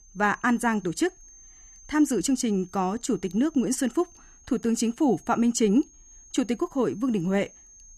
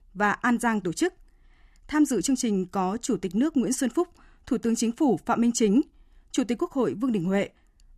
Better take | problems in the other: second | high-pitched whine; faint; throughout; 6.5 kHz, 25 dB below the speech

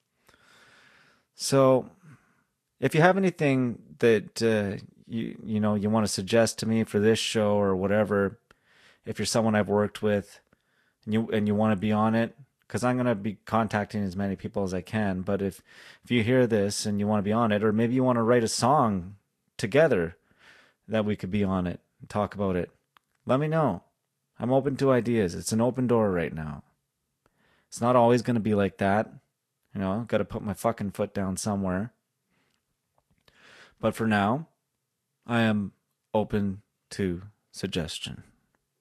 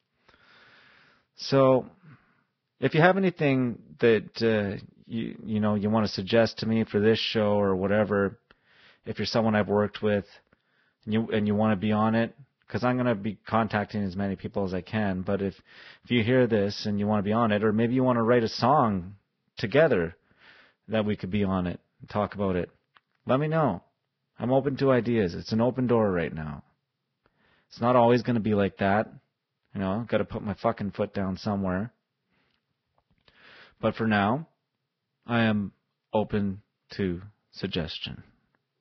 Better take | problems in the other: first | garbled, watery; badly; nothing above 5.5 kHz; slightly in the first

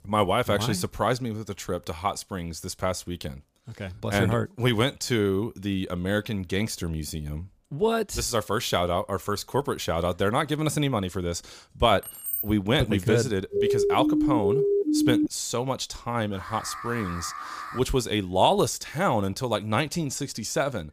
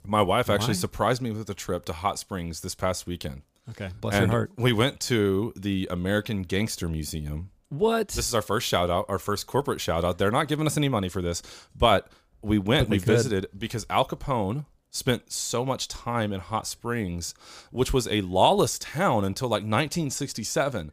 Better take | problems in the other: second | jangling keys; noticeable; at 12 s; peak 2 dB below the speech // siren; loud; from 14 to 15 s; peak 4 dB above the speech // alarm; noticeable; from 16 to 18 s; peak 9 dB below the speech

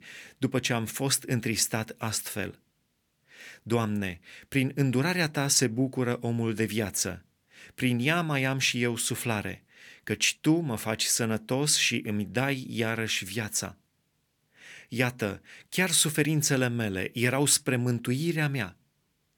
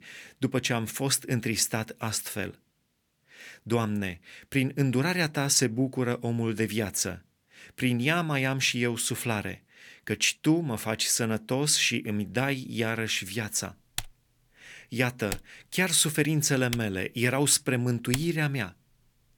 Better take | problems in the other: first | keyboard typing; noticeable; from 14 to 18 s; peak 8 dB below the speech

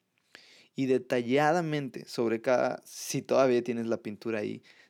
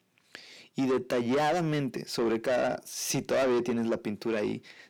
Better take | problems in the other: first | distortion; heavy; 7 dB below the speech

